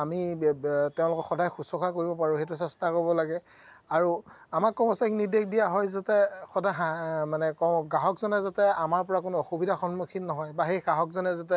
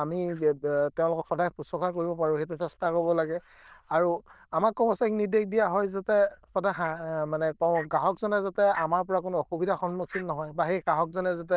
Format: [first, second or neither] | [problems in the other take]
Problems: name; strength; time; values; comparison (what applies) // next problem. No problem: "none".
first | noise reduction (neural diffusion model UNIVERSE++)